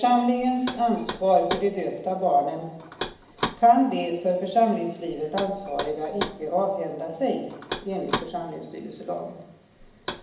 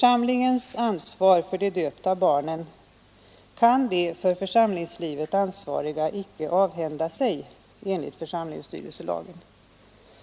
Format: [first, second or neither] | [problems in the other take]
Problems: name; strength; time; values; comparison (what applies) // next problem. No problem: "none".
second | background sound (Knock); 12 dB below the speech // room echo; dies away in 0.8 s